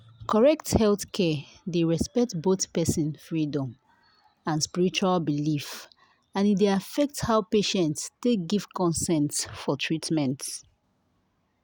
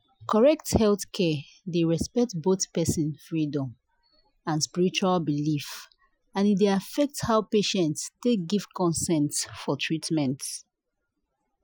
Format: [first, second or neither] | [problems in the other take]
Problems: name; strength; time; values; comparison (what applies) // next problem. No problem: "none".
first | noise reduction (classical method Wiener filter)